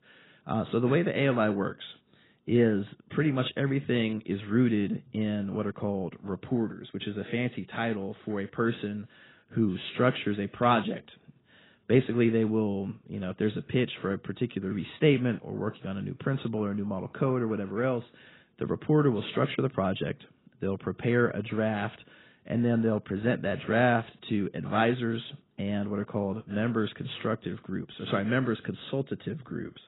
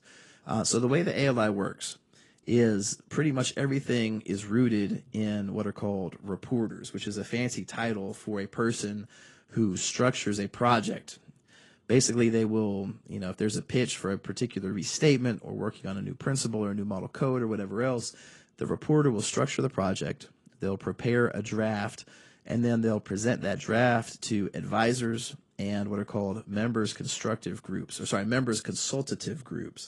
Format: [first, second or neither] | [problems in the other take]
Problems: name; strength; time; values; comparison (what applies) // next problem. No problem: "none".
second | garbled, watery; badly; nothing above 4 kHz; slightly in the second